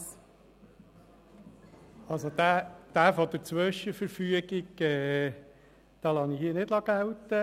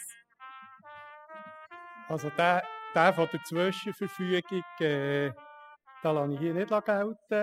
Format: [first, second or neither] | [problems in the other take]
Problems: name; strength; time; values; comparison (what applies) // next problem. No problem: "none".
first | noise reduction (classical method spectral subtraction)